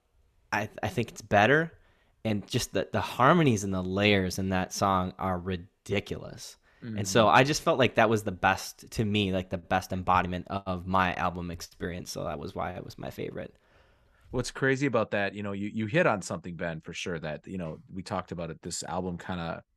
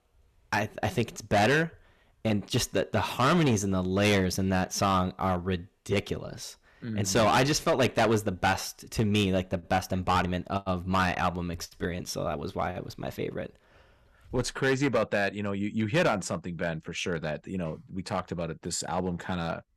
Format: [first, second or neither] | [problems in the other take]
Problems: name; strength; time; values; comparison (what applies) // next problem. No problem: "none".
first | distortion; heavy; 5% of the sound clipped